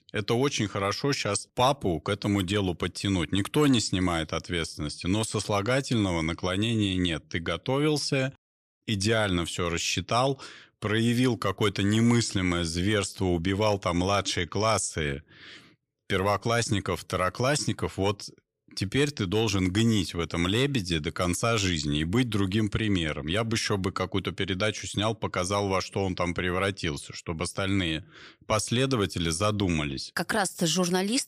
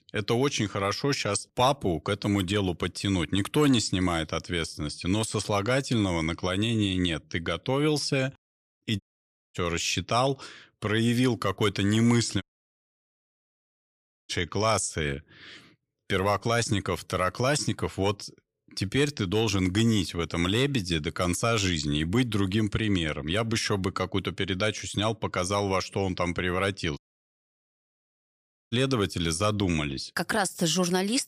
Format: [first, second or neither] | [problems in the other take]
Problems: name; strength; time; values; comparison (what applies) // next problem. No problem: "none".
first | audio cutting out; at 9 s for 0.5 s, at 12 s for 2 s and at 27 s for 1.5 s